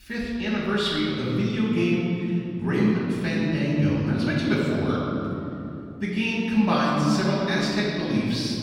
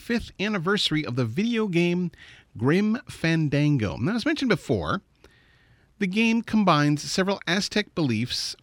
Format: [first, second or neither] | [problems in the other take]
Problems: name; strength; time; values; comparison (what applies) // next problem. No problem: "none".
second | room echo; strong; dies away in 3 s // off-mic speech; far